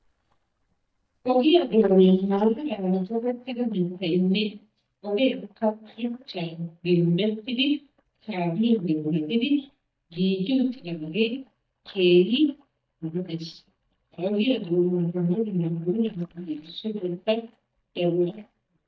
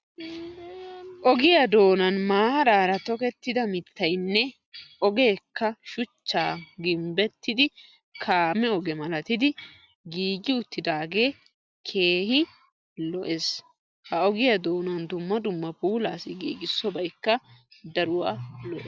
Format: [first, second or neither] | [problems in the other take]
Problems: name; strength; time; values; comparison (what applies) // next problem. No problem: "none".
second | noise reduction (neural mask model DeepFilterNet 3)